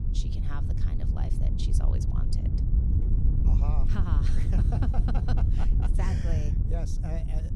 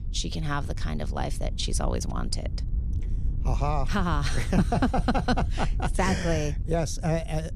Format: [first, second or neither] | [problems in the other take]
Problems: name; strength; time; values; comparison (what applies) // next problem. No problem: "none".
second | wind noise on the microphone; heavy; 1 dB below the speech; occasional gusts in the second